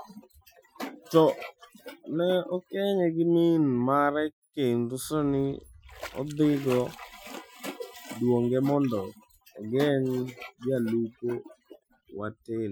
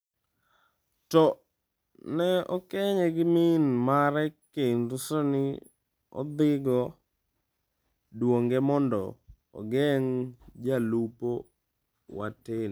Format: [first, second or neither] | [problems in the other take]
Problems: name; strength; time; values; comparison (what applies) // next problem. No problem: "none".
second | noise reduction (classical method Wiener filter)